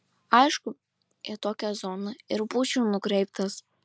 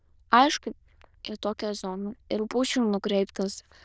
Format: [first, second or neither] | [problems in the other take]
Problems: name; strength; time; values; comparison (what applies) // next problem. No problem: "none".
first | noise reduction (neural diffusion model UNIVERSE++)